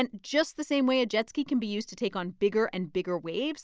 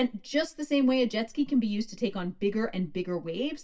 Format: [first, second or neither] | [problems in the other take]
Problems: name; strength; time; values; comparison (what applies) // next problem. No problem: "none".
first | room echo; dies away in 0.2 s